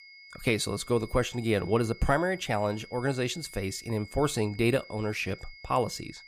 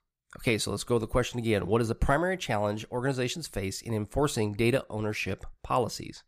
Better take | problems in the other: second | high-pitched whine; noticeable; throughout; 2 kHz, 20 dB below the speech

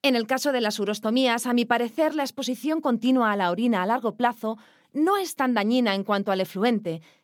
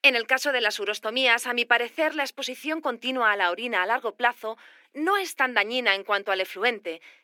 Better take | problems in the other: first | thin; somewhat; fading below 300 Hz

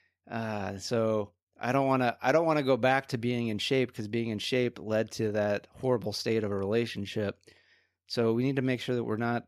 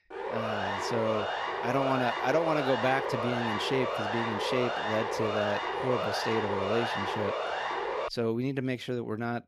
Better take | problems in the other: first | siren; loud; until 8 s; peak 1 dB above the speech

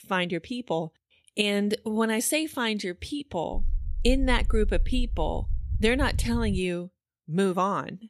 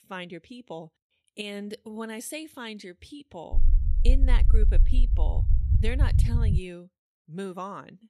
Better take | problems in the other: first | low rumble; loud; from 3.5 to 6.5 s; 6 dB below the speech; faint in the first

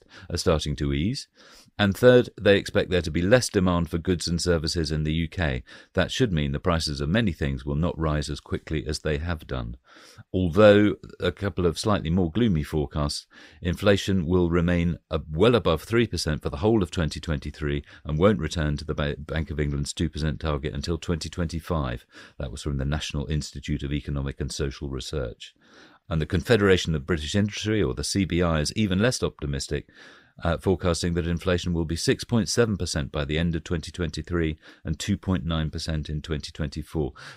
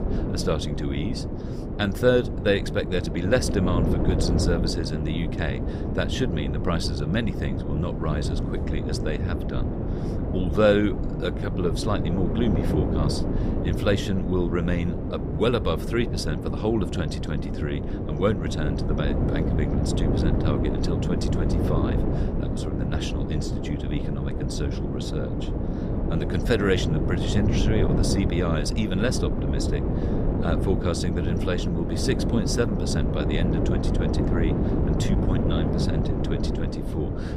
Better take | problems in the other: first | wind noise on the microphone; heavy; 3 dB below the speech

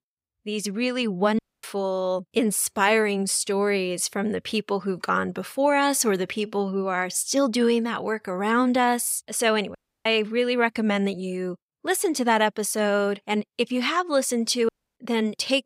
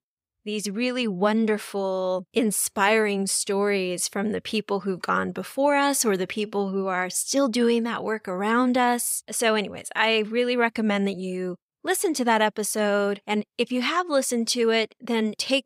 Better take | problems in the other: second | audio cutting out; at 1.5 s, at 10 s and at 15 s

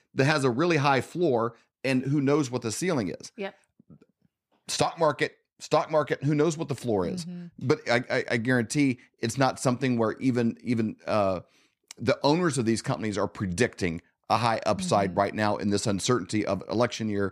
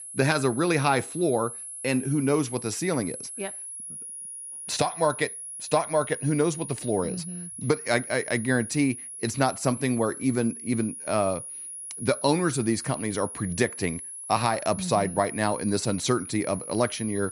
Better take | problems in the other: first | high-pitched whine; loud; throughout; 10.5 kHz, 9 dB below the speech

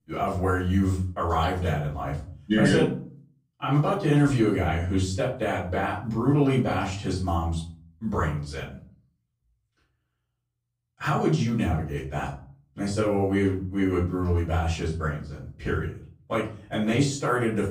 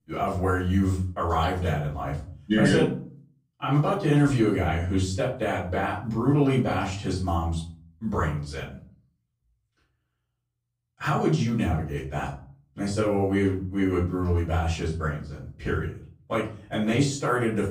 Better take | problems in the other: neither | room echo; slight; dies away in 0.4 s; the same in both // off-mic speech; far; the same in both

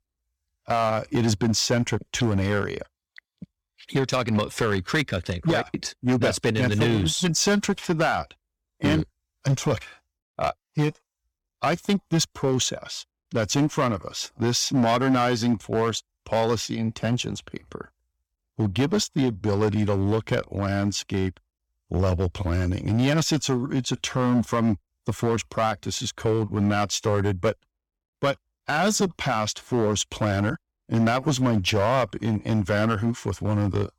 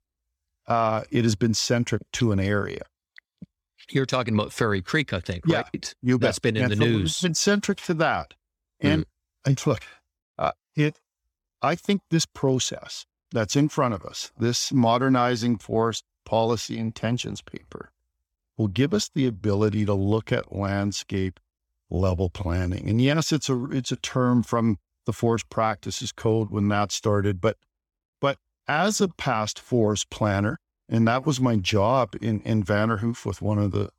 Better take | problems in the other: second | distortion; slight; 6% of the sound clipped

